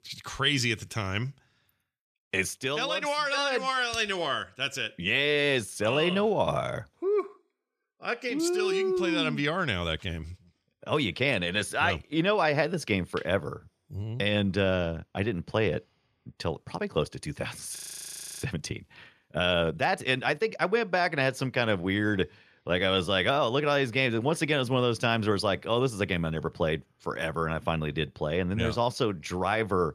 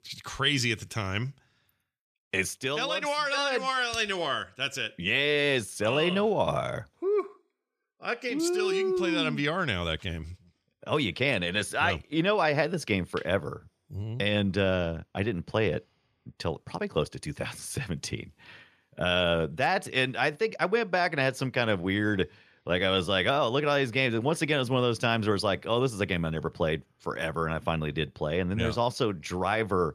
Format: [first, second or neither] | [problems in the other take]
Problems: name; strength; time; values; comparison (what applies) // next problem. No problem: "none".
second | audio freezing; at 18 s for 0.5 s